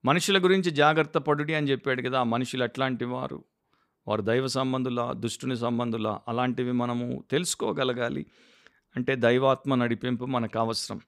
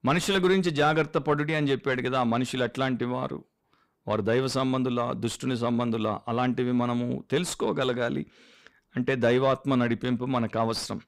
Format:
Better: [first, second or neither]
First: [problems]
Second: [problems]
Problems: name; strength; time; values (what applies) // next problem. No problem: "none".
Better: first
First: none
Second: distortion; slight; 10 dB below the speech